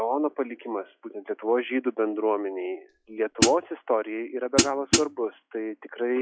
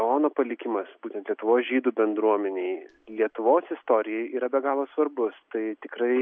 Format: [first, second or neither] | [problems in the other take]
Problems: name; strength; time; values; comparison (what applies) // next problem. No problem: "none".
second | noise reduction (classical method log-MMSE)